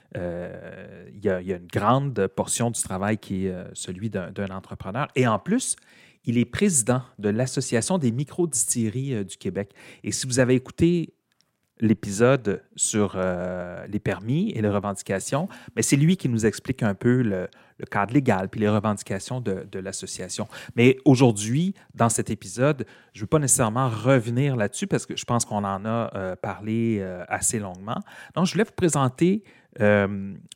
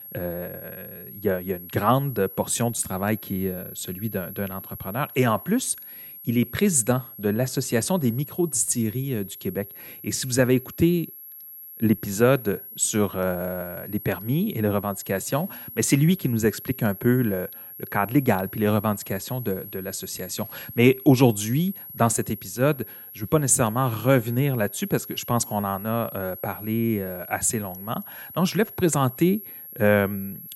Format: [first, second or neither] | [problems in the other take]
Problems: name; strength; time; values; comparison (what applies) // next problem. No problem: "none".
first | high-pitched whine; noticeable; throughout; 11.5 kHz, 15 dB below the speech